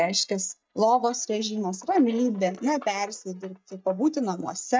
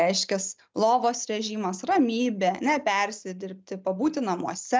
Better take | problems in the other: second | noise reduction (neural mask model DeepFilterNet 3)

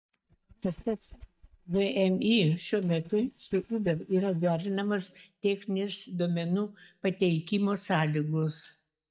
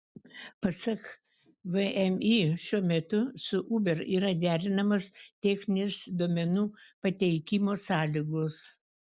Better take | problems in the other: second | noise reduction (neural mask model DeepFilterNet 3)

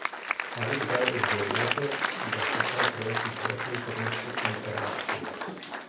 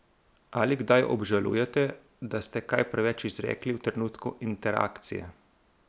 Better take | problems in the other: second | background sound (Applause); 4 dB above the speech // room echo; dies away in 0.6 s

